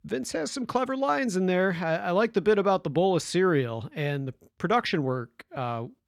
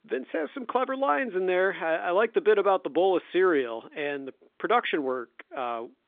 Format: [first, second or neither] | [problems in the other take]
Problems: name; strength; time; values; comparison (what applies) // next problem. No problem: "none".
first | phone-call audio; nothing above 3.5 kHz